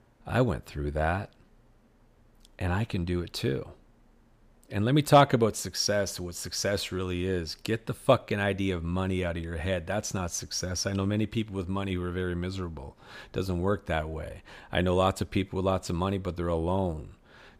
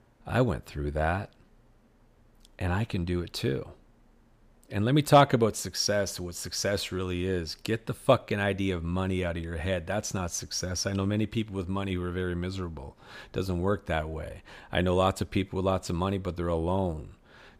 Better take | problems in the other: neither | none

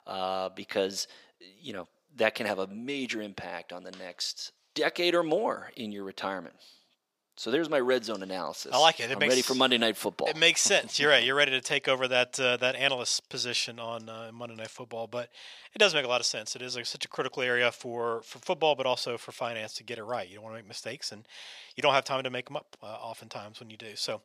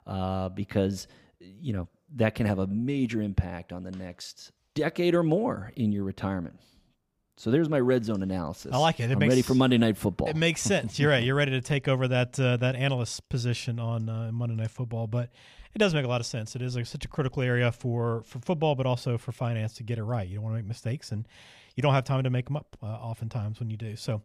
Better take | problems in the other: second | thin; very; fading below 500 Hz

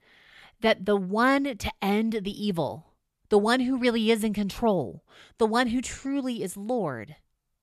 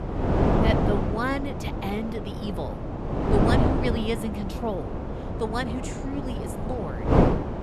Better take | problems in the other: first | wind noise on the microphone; heavy; 2 dB above the speech

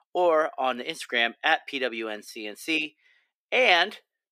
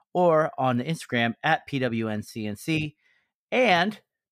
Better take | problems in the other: second | thin; somewhat; fading below 350 Hz

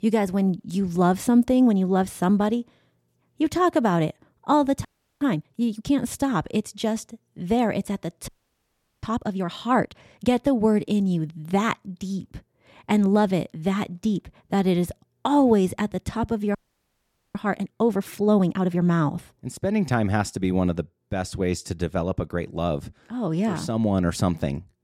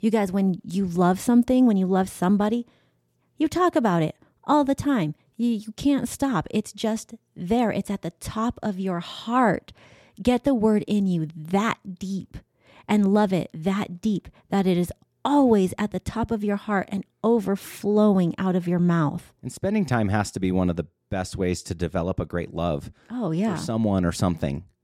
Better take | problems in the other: second | audio freezing; at 5 s, at 8.5 s for 1 s and at 17 s for 1 s

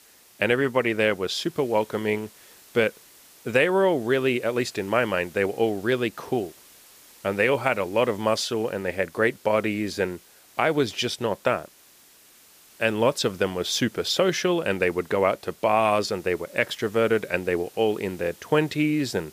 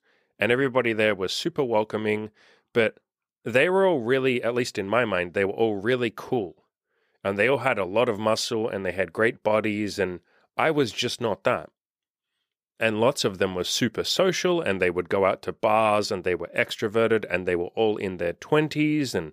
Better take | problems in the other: second | hiss; faint; throughout; 25 dB below the speech

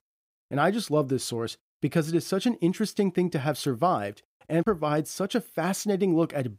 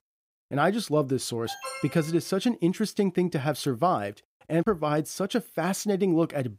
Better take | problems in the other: first | alarm; noticeable; at 1.5 s; peak 9 dB below the speech

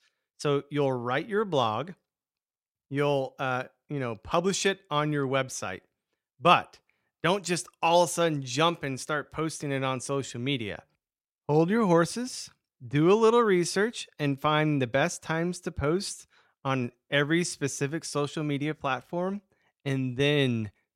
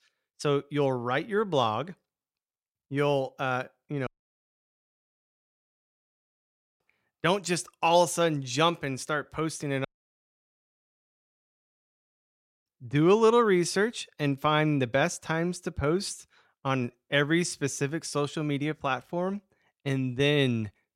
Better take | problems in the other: first | audio cutting out; at 4 s for 2.5 s and at 10 s for 3 s

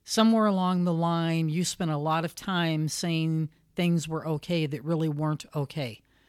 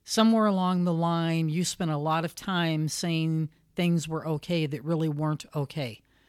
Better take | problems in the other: neither | none

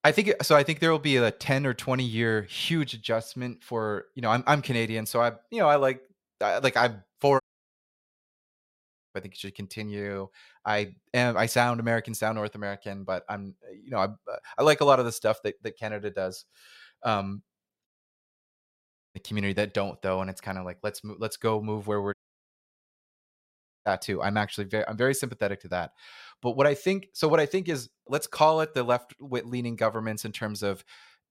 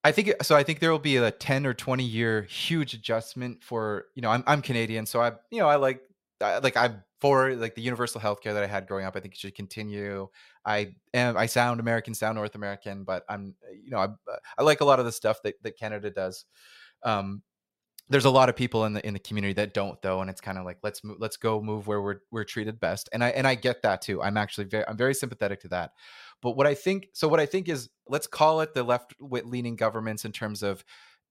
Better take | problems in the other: second | audio cutting out; at 7.5 s for 1.5 s, at 18 s for 1.5 s and at 22 s for 1.5 s

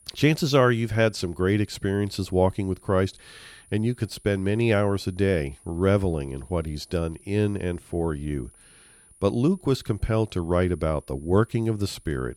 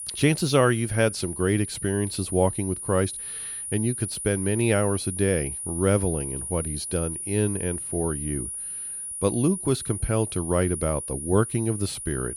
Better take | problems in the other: first | high-pitched whine; loud; throughout; 9.5 kHz, 6 dB below the speech; faint in the first

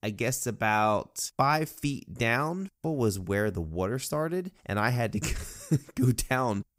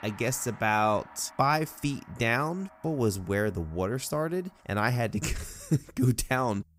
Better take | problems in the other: first | background music; faint; throughout; 25 dB below the speech

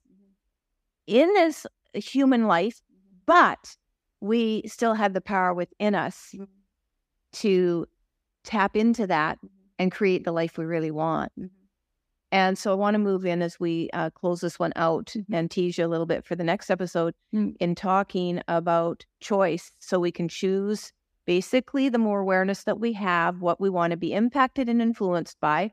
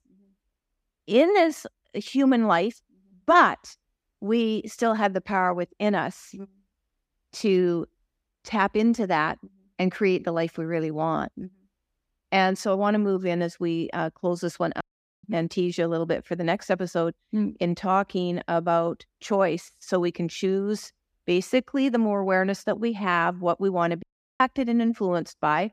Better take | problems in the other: first | audio cutting out; at 15 s and at 24 s

